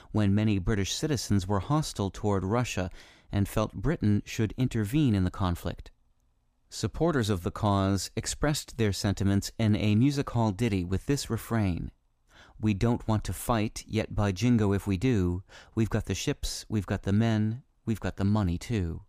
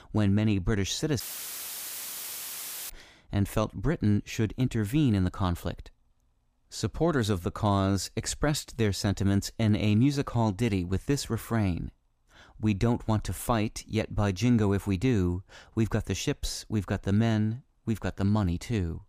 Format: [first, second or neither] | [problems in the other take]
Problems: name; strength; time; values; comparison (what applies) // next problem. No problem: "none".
first | audio cutting out; filled with static; at 1 s for 1.5 s